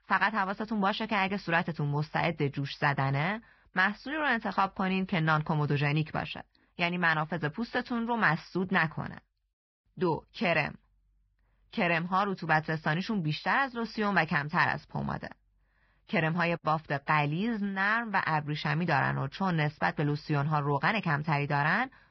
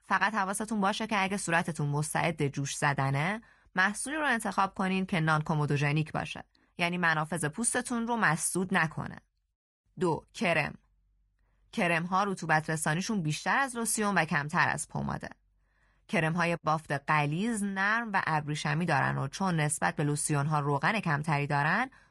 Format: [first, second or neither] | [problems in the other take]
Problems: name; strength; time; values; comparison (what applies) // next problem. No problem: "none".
second | garbled, watery; badly; nothing above 5.5 kHz; slightly in the second